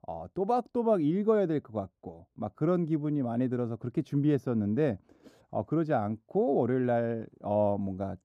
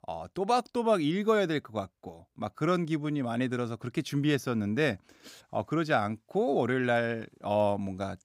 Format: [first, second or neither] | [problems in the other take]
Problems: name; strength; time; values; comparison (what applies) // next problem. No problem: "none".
second | muffled; very; fading above 1 kHz